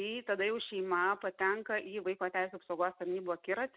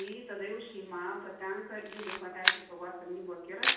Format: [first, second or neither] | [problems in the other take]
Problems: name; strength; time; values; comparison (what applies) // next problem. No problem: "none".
first | background sound (Camera); 4 dB above the speech // room echo; dies away in 0.8 s